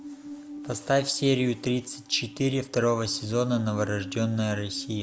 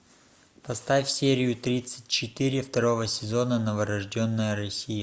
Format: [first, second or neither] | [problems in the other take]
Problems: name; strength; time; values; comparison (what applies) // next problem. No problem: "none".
second | background sound (Musical instrument); 15 dB below the speech